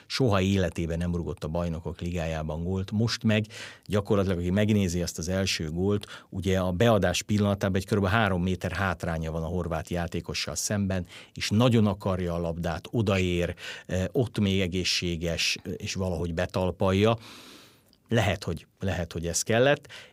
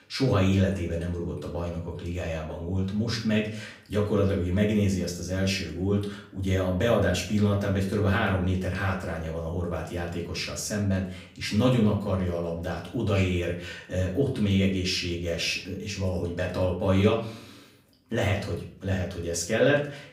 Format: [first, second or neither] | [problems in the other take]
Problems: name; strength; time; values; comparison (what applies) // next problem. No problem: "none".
first | off-mic speech; far // room echo; slight; dies away in 0.4 s